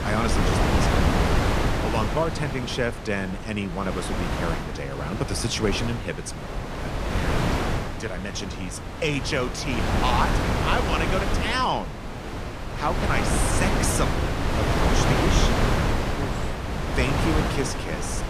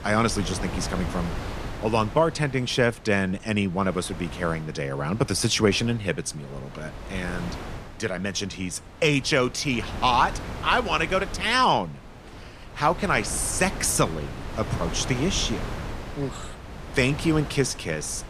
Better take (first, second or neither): second